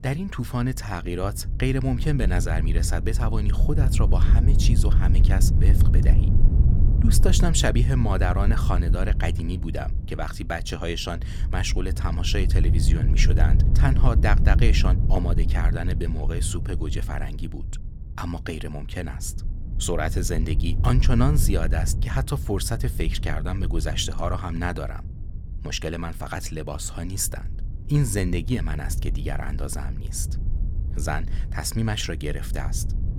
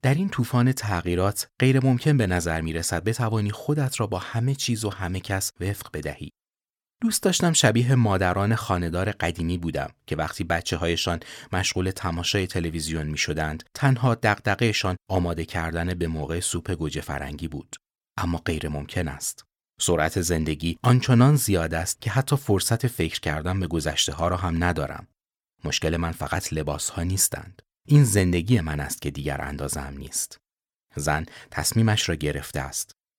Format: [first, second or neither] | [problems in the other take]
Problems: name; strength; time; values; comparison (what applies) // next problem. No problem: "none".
second | wind noise on the microphone; heavy; 9 dB below the speech